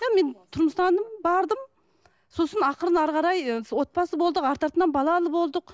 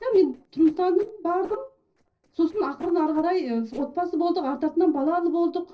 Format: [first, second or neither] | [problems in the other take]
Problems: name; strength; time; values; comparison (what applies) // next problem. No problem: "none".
first | noise reduction (neural separator model SepFormer DNS4)